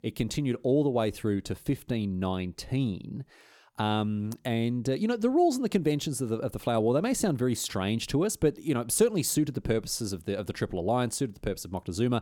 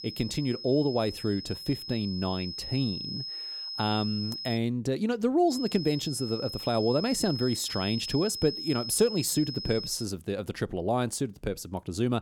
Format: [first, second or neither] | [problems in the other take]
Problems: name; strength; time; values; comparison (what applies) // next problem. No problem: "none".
first | high-pitched whine; loud; until 4.5 s and from 5.5 to 10 s; 5 kHz, 7 dB below the speech